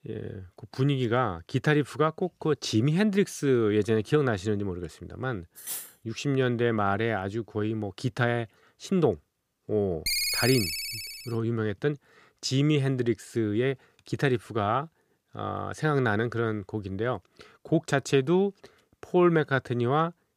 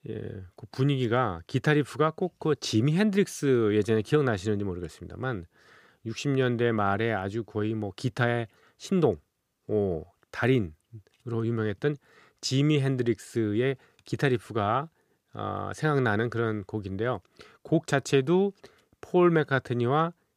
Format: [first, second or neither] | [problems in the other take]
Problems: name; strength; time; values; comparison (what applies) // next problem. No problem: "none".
second | clattering dishes; noticeable; at 5.5 s; peak 8 dB below the speech // phone ringing; loud; from 10 to 11 s; peak 2 dB above the speech